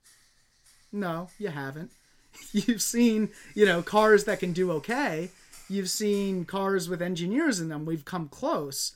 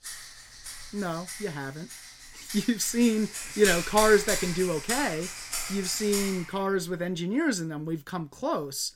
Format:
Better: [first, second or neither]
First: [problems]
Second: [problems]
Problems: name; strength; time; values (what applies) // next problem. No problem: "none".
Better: first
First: background music; faint; until 6.5 s; 25 dB below the speech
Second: background music; loud; until 6.5 s; 6 dB below the speech